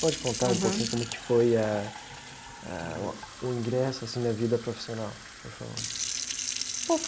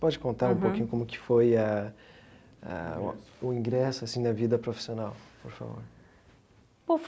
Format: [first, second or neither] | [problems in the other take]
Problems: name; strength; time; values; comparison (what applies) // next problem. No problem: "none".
second | background sound (Fill (with liquid) / Sink (filling or washing)); 8 dB below the speech